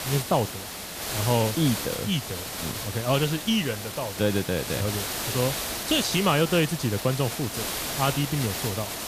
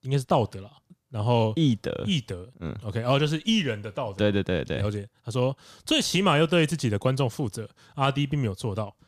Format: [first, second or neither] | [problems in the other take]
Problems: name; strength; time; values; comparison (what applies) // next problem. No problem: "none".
second | hiss; loud; throughout; 4 dB below the speech